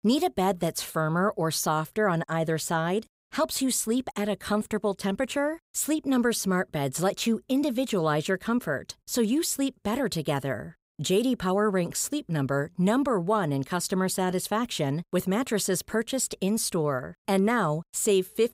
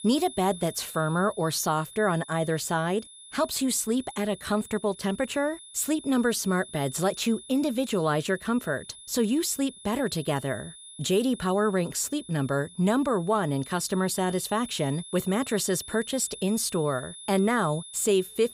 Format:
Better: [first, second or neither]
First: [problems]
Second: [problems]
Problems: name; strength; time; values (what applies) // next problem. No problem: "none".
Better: first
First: none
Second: high-pitched whine; noticeable; throughout; 10 kHz, 15 dB below the speech